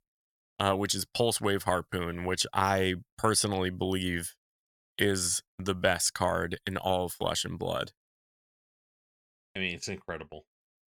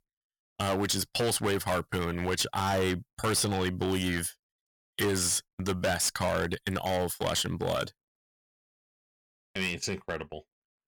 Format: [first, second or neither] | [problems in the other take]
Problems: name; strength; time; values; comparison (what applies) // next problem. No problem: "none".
first | distortion; heavy; 10% of the sound clipped